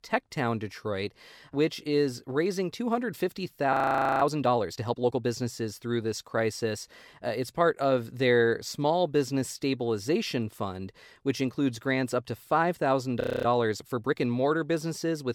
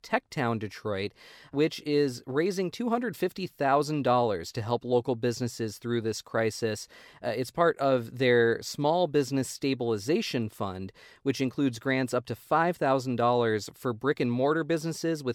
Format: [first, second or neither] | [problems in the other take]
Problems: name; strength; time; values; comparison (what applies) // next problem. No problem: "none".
second | audio freezing; at 3.5 s and at 13 s